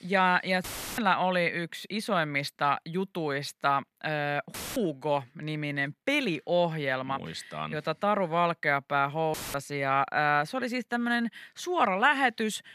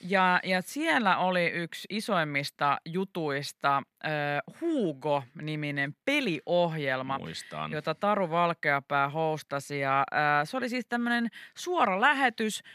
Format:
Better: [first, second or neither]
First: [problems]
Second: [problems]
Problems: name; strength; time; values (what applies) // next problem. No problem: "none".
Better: second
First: audio cutting out; filled with static; at 0.5 s, at 4.5 s and at 9.5 s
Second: none